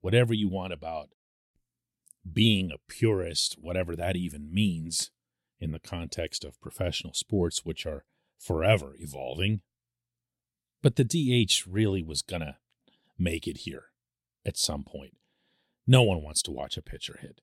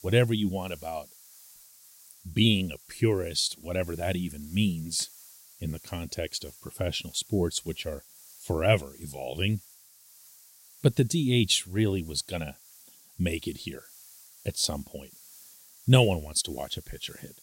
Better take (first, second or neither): first